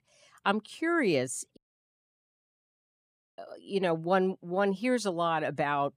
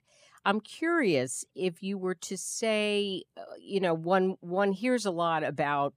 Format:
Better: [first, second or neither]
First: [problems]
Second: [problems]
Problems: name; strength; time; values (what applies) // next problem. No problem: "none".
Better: second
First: audio cutting out; at 1.5 s for 2 s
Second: none